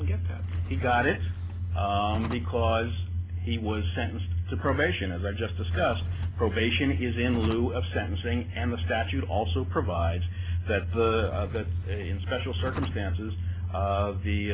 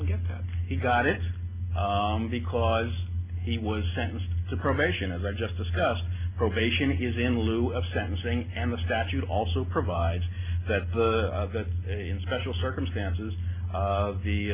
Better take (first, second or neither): second